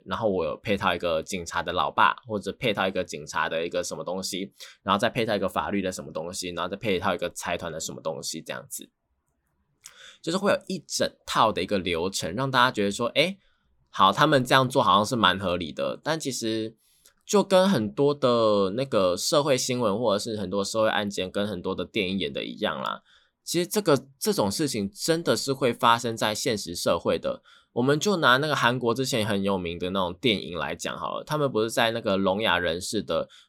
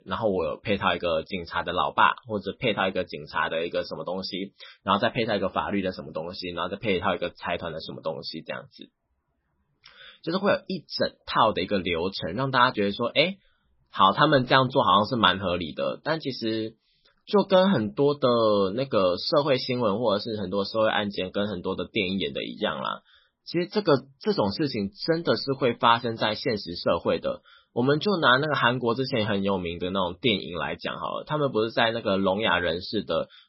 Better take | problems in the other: first | garbled, watery; badly; nothing above 5.5 kHz

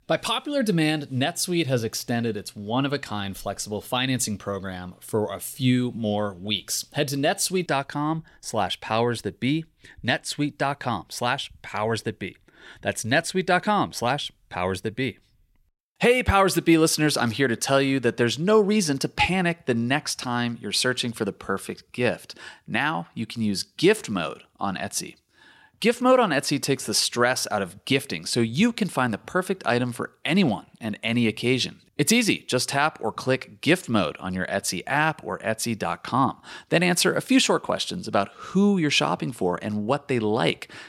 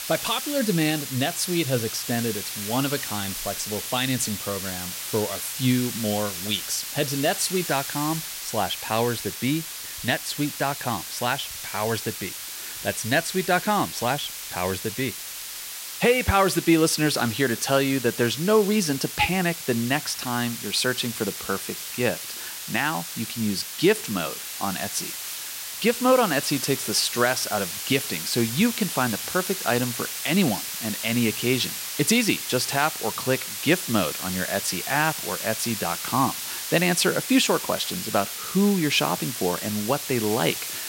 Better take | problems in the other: first | hiss; loud; throughout; 6 dB below the speech

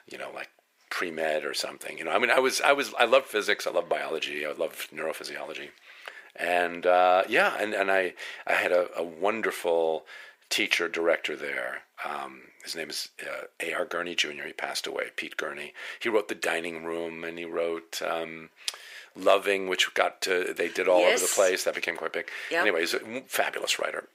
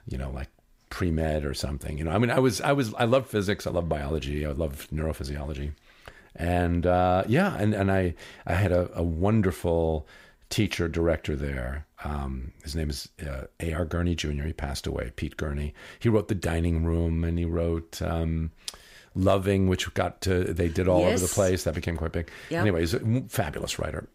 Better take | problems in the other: second | thin; very; fading below 450 Hz

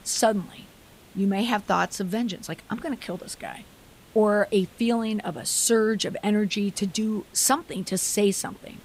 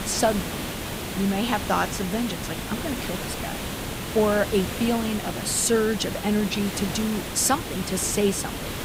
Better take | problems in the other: first | hiss; loud; throughout; 6 dB below the speech; faint in the first

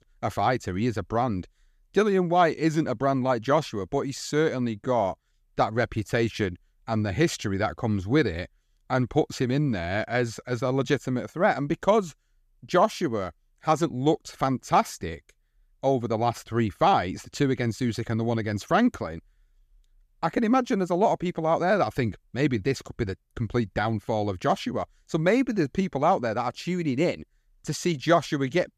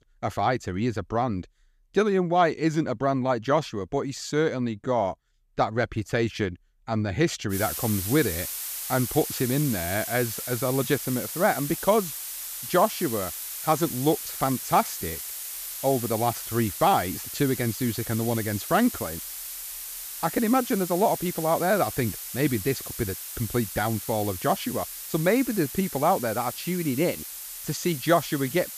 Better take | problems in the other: first | hiss; loud; from 7.5 s on; 7 dB below the speech

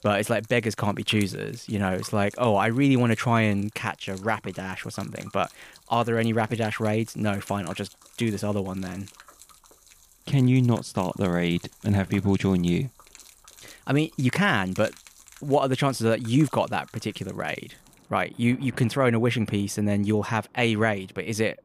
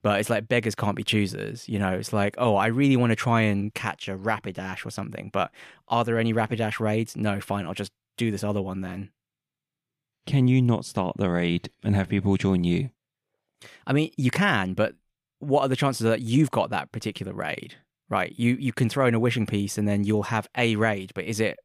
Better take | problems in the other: second | rain or running water; faint; throughout; 25 dB below the speech

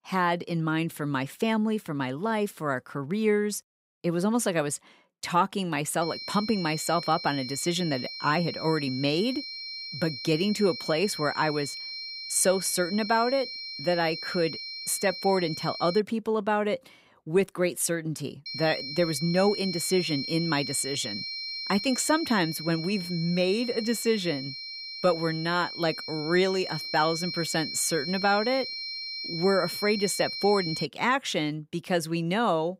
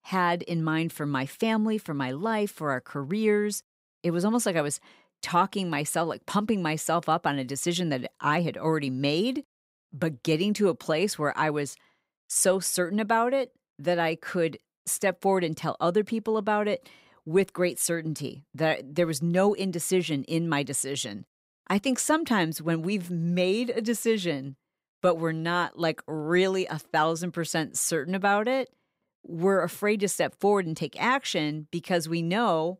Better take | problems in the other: second | high-pitched whine; loud; from 6 to 16 s and from 18 to 31 s; 4 kHz, 7 dB below the speech

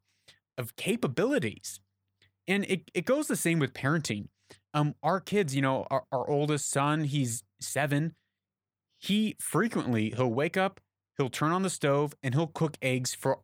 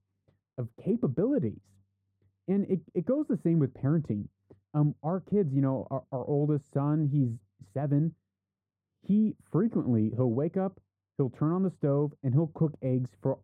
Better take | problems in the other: first | muffled; very; fading above 1 kHz

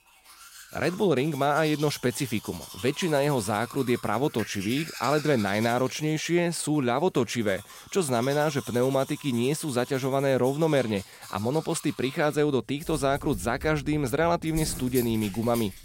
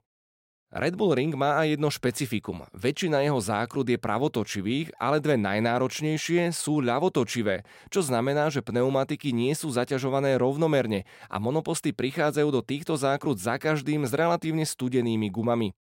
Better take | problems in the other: second | household noises; noticeable; throughout; 15 dB below the speech

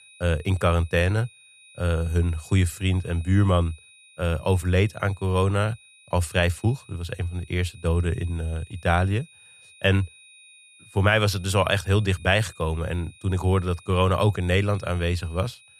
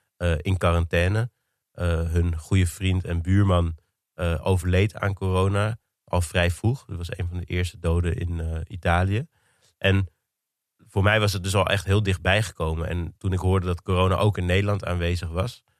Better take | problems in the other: second | high-pitched whine; faint; throughout; 2.5 kHz, 25 dB below the speech

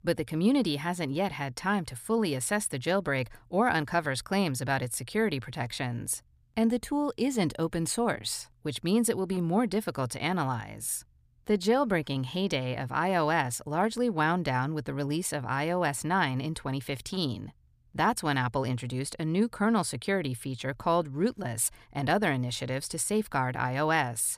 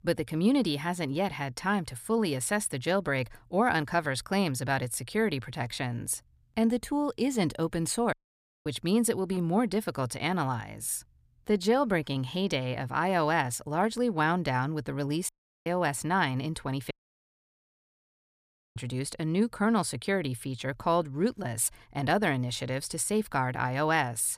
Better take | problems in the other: first | audio cutting out; at 8 s for 0.5 s, at 15 s and at 17 s for 2 s

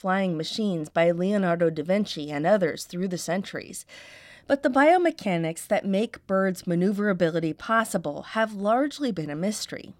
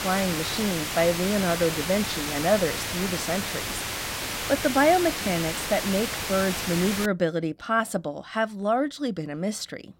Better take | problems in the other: first | hiss; loud; until 7 s; 3 dB below the speech

